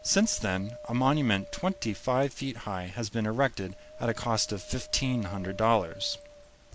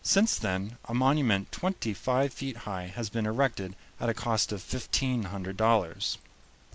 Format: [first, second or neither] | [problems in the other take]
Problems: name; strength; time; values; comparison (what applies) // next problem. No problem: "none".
second | background sound (Wind); 19 dB below the speech